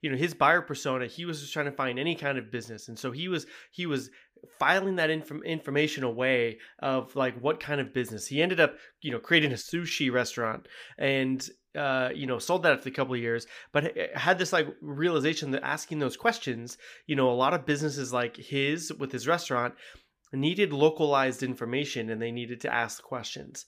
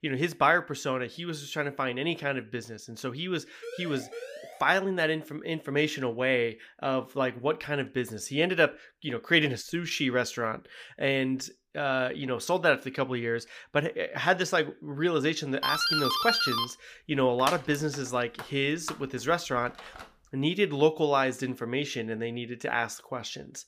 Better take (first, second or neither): first